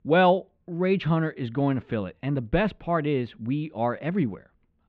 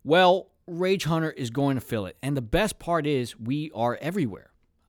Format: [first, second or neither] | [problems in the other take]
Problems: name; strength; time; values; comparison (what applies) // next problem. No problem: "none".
second | muffled; very; fading above 3 kHz